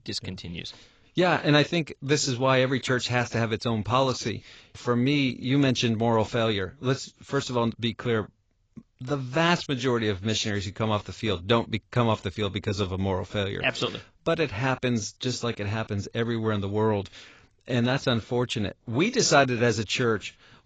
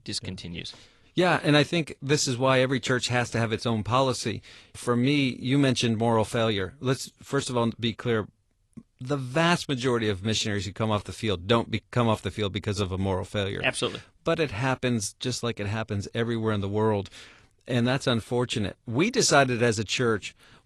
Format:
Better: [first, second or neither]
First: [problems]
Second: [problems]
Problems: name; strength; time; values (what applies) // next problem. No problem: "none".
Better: second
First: garbled, watery; badly; nothing above 7.5 kHz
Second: garbled, watery; slightly; nothing above 11 kHz